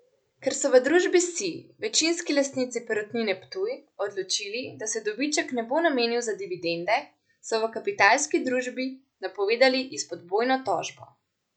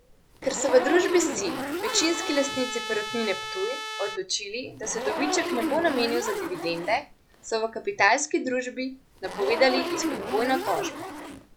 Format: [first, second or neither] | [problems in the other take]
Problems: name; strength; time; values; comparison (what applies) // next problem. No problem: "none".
first | background sound (Zipper (clothing) + Trumpet); 6 dB below the speech